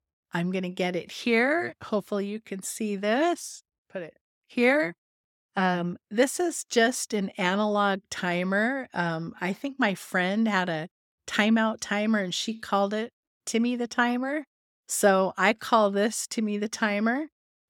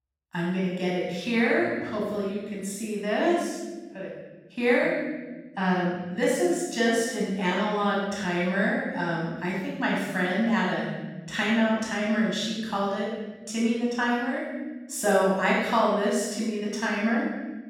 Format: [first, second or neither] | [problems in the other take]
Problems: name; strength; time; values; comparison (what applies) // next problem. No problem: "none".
first | off-mic speech; far // room echo; strong; dies away in 1.4 s